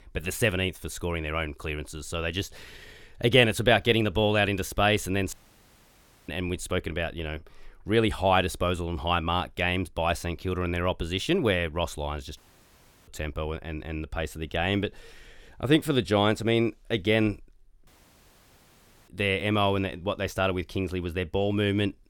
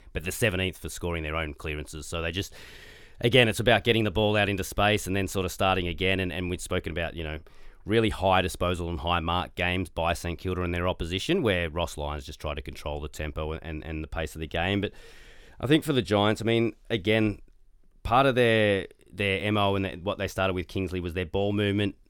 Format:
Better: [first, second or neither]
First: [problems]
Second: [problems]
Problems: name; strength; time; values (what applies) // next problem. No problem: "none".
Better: second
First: audio cutting out; at 5.5 s for 1 s, at 12 s for 0.5 s and at 18 s for 1 s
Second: none